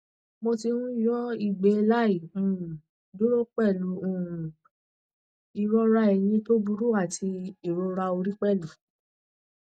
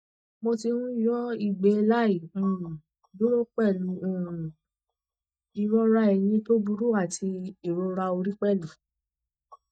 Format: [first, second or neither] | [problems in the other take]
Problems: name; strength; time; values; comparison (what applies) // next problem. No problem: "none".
first | noise reduction (neural mask model DeepFilterNet 3)